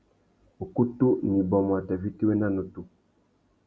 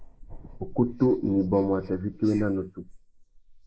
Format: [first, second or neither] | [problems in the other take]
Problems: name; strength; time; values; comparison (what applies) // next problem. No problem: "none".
first | noise reduction (neural mask model Resemble Enhance denoiser)